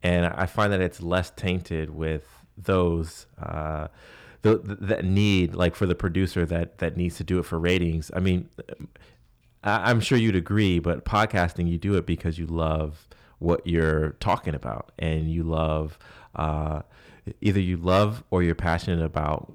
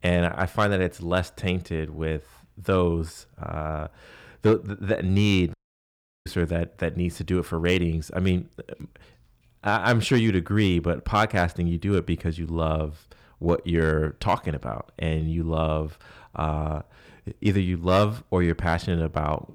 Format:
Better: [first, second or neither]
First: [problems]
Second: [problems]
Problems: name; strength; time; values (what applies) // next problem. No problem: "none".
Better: first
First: none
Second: audio cutting out; at 5.5 s for 0.5 s